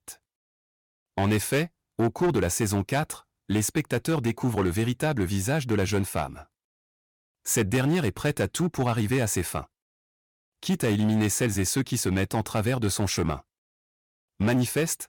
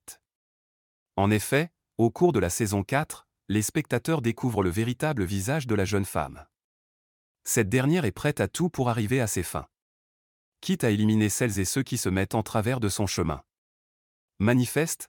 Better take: second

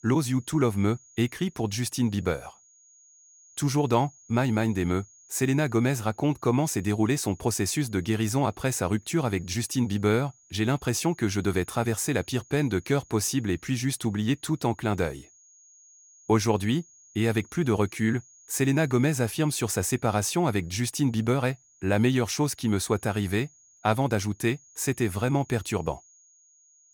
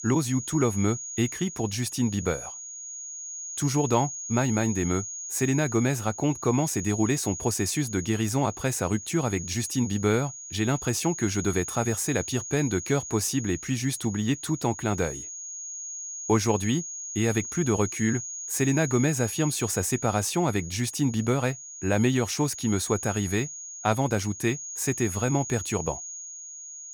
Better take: first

